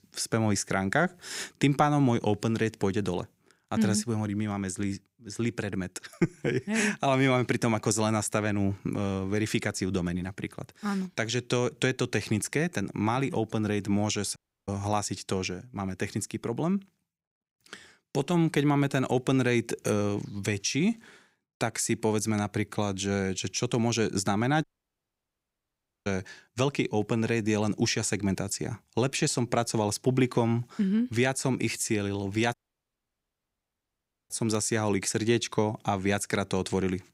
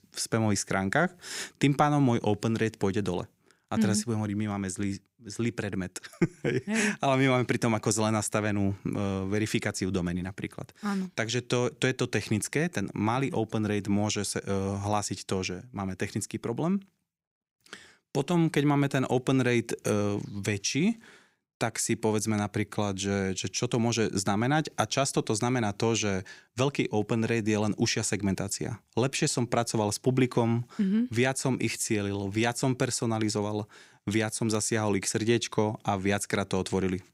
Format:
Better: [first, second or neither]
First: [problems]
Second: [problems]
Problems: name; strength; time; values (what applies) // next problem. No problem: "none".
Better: second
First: audio cutting out; at 14 s, at 25 s for 1.5 s and at 33 s for 2 s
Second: none